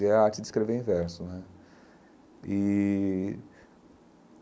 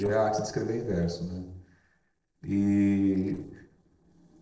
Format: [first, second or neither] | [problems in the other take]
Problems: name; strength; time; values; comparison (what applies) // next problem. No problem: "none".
first | noise reduction (neural separator model SepFormer DNS4)